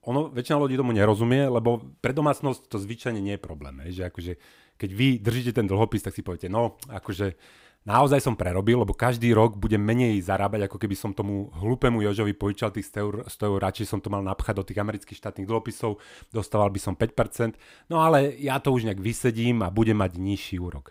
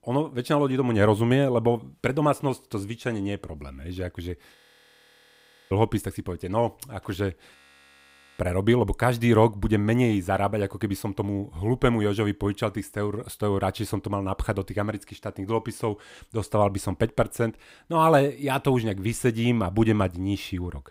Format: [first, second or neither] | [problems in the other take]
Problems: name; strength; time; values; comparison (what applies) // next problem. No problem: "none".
first | audio freezing; at 4.5 s for 1 s and at 7.5 s for 1 s